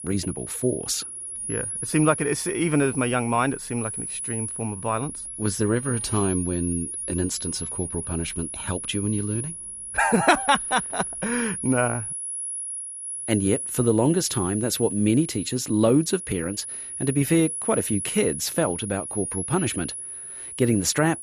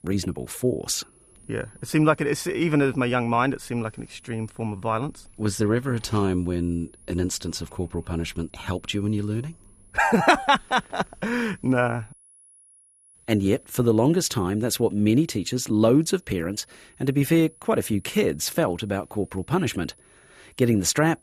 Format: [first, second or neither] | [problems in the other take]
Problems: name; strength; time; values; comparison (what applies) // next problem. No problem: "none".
second | high-pitched whine; loud; throughout; 10.5 kHz, 5 dB below the speech; faint in the second